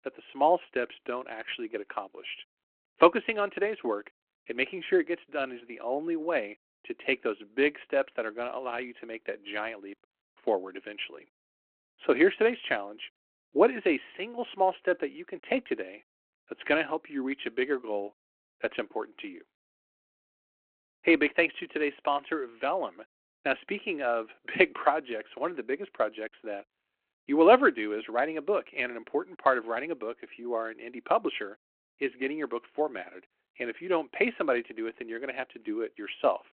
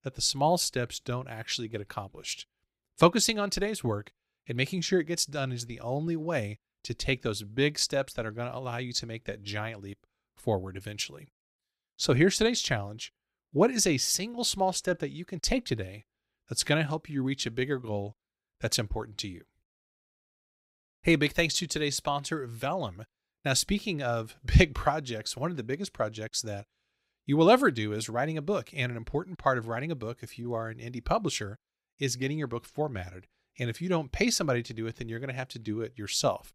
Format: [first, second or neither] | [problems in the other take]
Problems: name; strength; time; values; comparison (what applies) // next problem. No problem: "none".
second | phone-call audio